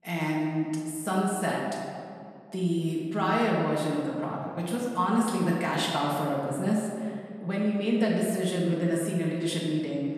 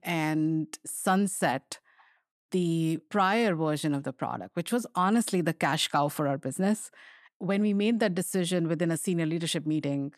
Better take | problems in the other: second | room echo; noticeable; dies away in 1.9 s // off-mic speech; far

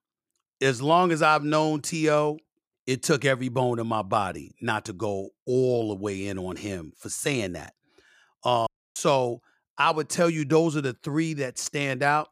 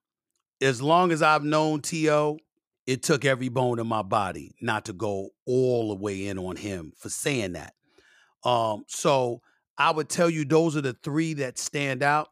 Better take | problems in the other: second | audio cutting out; at 8.5 s

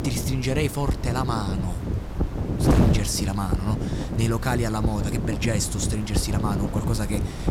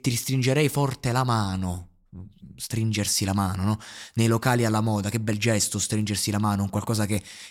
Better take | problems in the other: second | wind noise on the microphone; heavy; 3 dB below the speech

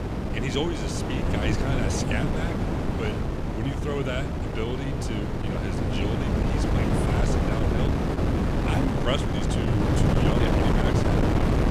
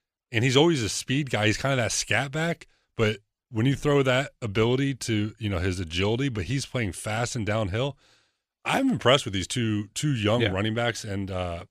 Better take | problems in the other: second | wind noise on the microphone; heavy; 3 dB above the speech

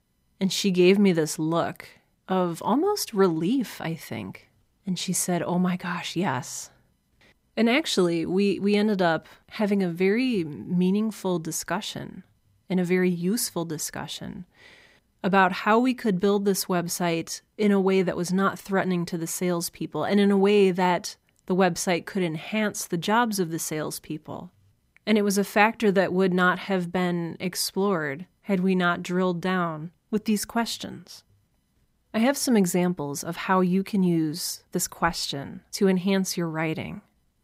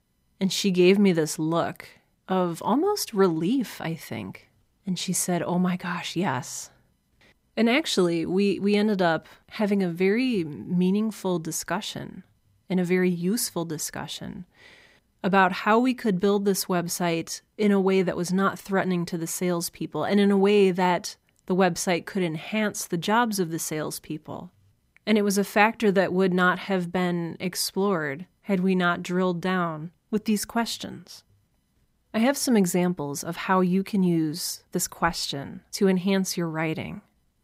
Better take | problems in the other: neither | none

